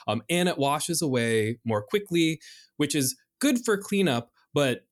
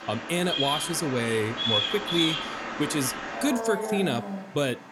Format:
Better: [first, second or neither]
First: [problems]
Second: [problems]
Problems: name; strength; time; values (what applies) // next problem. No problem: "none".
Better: first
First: none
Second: animal sounds; loud; throughout; 1 dB below the speech